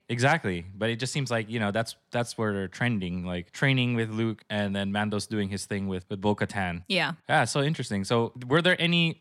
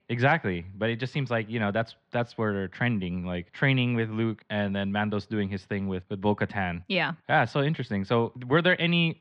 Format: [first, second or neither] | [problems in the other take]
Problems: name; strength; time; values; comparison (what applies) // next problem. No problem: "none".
first | muffled; slightly; fading above 3 kHz